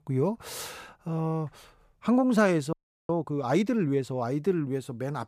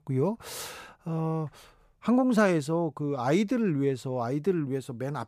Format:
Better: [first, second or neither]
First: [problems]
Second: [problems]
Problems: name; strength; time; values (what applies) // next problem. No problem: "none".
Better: second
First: audio freezing; at 2.5 s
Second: none